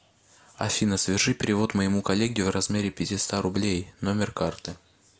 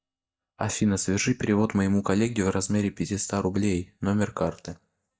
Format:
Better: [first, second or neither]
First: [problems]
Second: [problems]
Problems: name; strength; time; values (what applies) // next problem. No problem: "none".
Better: first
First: none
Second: noise reduction (neural mask model DeepFilterNet 3)